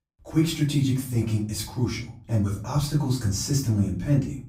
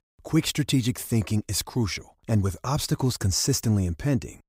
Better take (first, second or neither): second